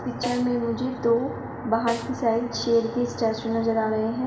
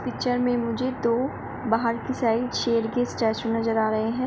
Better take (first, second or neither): second